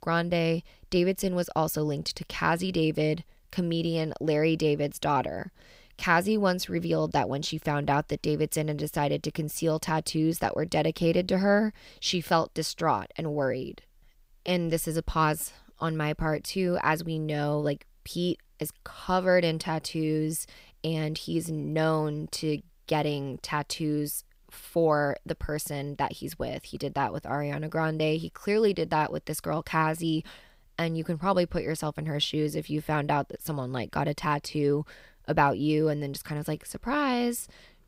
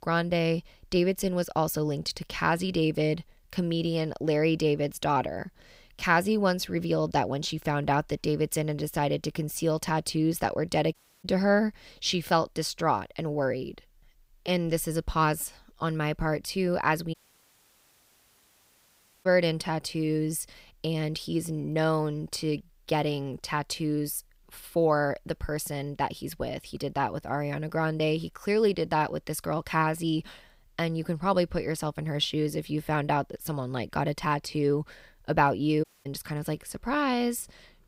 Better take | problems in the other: first | audio cutting out; at 11 s, at 17 s for 2 s and at 36 s

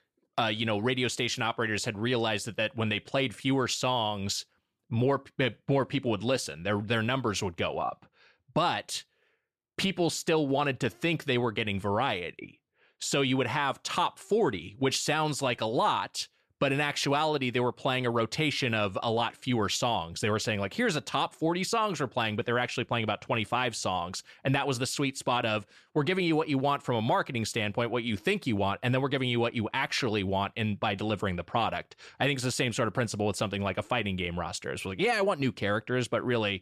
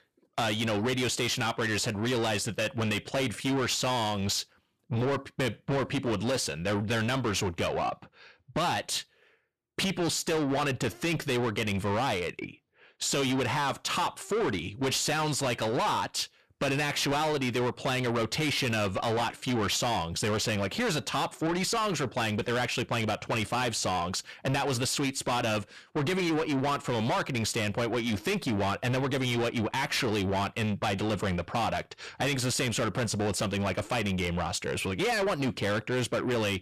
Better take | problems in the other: first | distortion; heavy; 7 dB below the speech

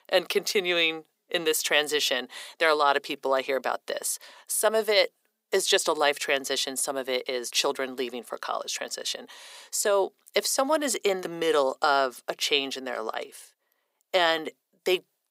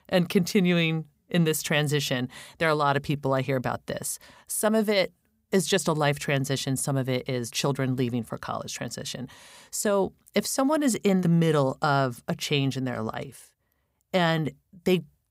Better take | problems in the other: second | thin; very; fading below 350 Hz

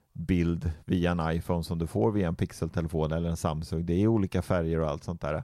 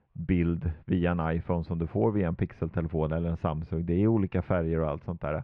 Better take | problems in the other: first | muffled; very; fading above 2.5 kHz

